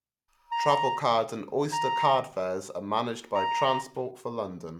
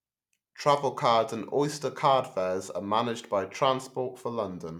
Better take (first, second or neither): second